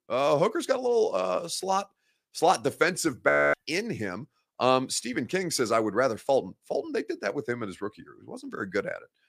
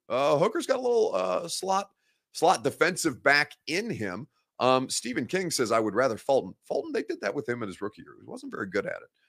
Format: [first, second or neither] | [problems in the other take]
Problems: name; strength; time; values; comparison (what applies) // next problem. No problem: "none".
second | audio freezing; at 3.5 s